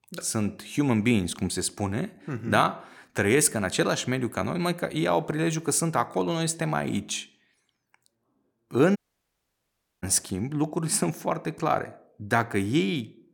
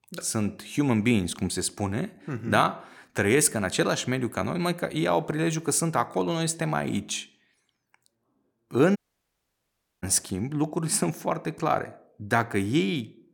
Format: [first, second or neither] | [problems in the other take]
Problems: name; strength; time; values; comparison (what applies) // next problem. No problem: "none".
neither | audio cutting out; at 9 s for 1 s; the same in both